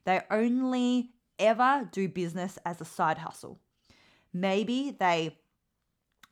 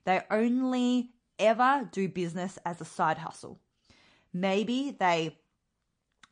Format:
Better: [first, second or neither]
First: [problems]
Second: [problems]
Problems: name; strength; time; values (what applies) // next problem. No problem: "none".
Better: first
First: none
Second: garbled, watery; slightly; nothing above 9 kHz